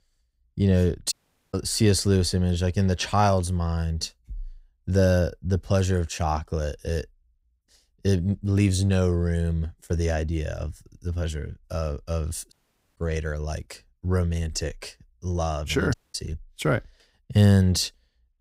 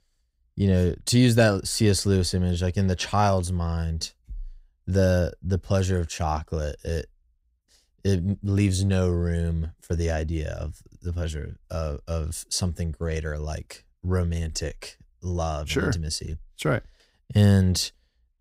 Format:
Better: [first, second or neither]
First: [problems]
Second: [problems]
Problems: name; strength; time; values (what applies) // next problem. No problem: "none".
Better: second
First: audio cutting out; at 1 s, at 13 s and at 16 s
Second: none